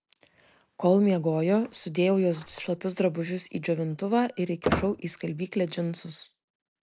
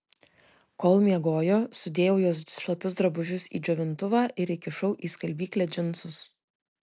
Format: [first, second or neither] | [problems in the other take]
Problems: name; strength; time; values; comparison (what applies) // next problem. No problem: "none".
second | background sound (Squeak); 9 dB below the speech